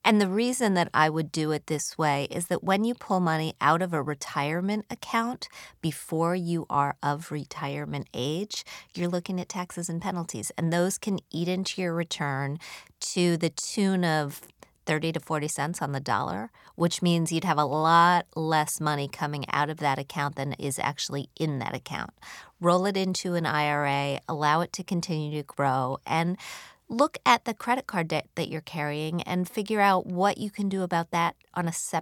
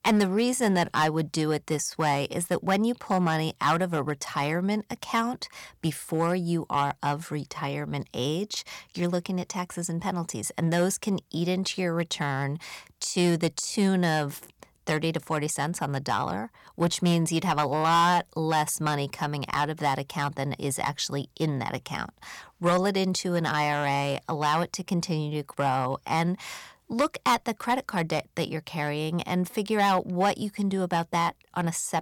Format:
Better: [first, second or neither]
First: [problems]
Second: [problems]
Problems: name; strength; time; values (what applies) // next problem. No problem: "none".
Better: first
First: none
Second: distortion; slight; 3% of the sound clipped